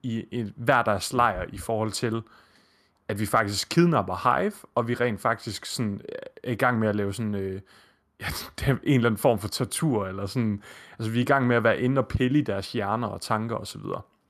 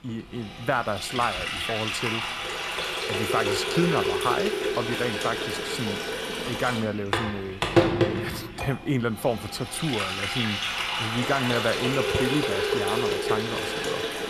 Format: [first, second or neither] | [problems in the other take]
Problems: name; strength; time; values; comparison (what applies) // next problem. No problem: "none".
first | household noises; very loud; throughout; 2 dB above the speech